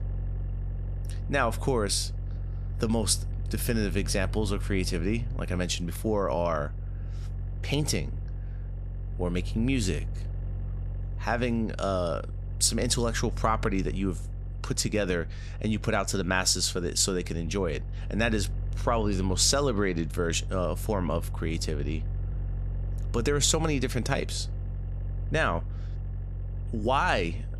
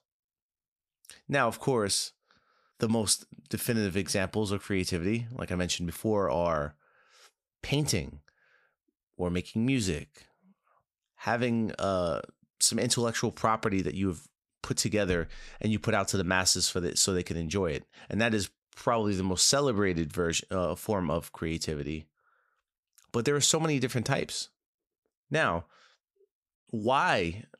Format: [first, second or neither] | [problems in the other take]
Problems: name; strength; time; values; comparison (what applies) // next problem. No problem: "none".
second | low rumble; faint; throughout; 20 dB below the speech